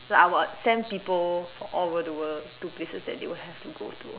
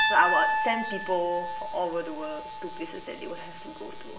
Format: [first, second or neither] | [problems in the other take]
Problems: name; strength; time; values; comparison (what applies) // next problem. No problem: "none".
first | background sound (Piano); 1 dB below the speech // room echo; dies away in 0.8 s